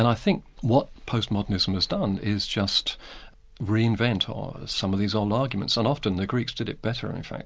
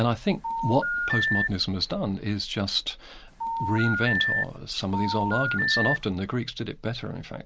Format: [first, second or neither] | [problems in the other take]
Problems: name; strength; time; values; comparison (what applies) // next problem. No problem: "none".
first | background sound (Telephone); as loud as the speech